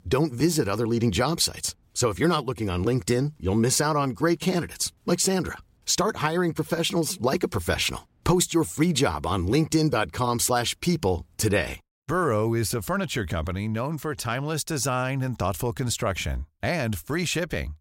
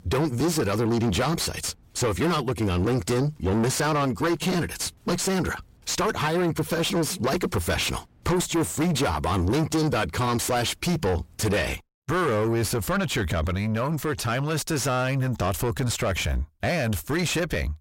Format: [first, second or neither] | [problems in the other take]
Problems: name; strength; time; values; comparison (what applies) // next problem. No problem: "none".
first | distortion; heavy; 6 dB below the speech